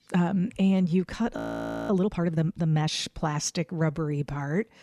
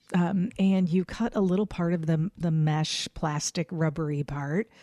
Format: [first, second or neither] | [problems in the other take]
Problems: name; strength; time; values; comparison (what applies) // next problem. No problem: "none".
second | audio freezing; at 1.5 s for 0.5 s